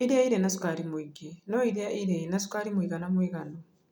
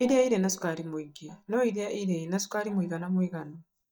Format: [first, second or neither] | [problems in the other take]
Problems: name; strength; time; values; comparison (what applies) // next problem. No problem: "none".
first | noise reduction (neural mask model DeepFilterNet 3)